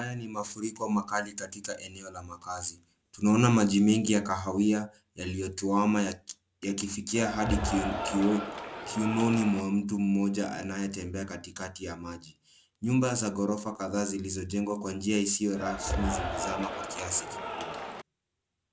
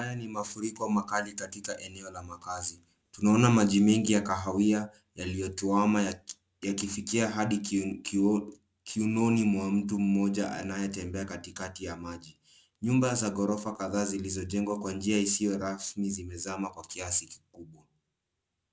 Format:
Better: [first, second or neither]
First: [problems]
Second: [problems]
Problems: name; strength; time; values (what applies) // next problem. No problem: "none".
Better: second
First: background sound (Cheering); 5 dB below the speech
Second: none